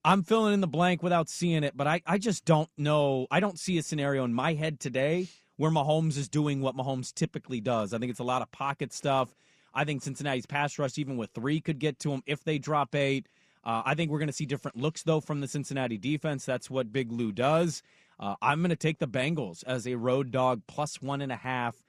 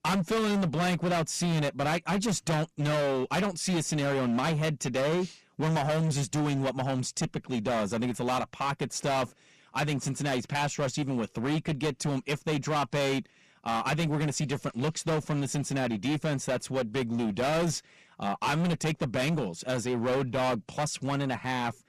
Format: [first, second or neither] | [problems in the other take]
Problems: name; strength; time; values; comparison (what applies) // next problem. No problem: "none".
first | distortion; heavy; 23% of the sound clipped